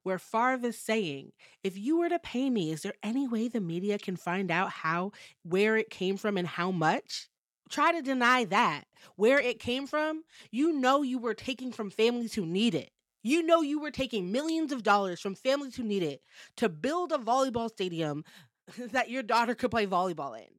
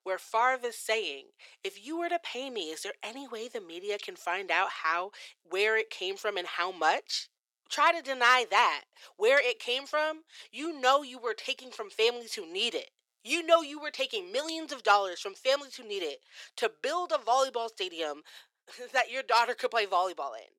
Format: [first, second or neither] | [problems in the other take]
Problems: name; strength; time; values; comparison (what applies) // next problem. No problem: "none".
first | thin; very; fading below 450 Hz